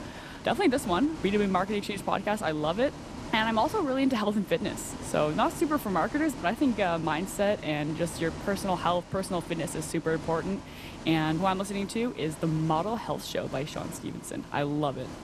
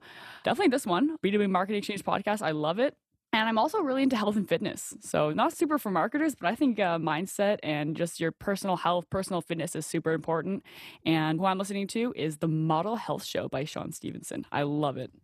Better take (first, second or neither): second